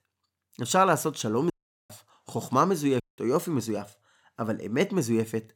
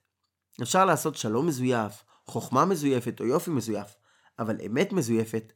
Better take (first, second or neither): second